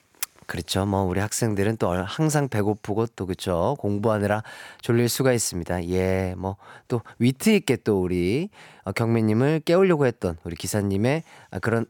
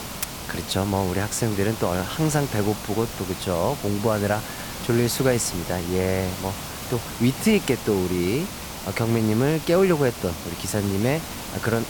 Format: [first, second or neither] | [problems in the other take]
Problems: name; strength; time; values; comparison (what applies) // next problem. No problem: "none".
first | hiss; loud; throughout; 9 dB below the speech